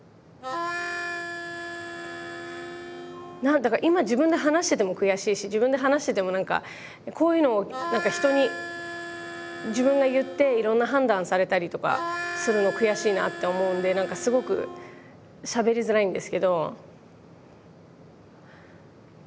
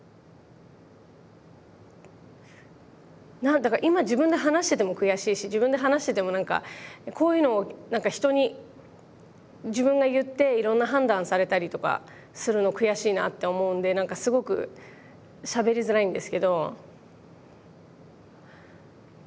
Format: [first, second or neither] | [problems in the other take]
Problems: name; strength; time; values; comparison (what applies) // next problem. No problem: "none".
second | background sound (Harmonica); 9 dB below the speech